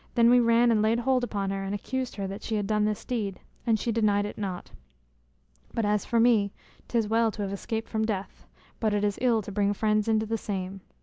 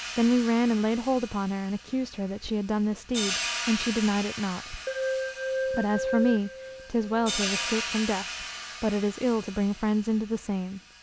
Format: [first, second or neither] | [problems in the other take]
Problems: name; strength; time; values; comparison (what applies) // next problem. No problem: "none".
first | background sound (Keyboard (musical) + Hi-hat); 7 dB below the speech